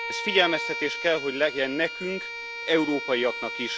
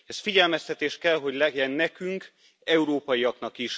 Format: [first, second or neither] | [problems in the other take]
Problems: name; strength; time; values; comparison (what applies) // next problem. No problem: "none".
second | background sound (Bowed string instrument); 7 dB below the speech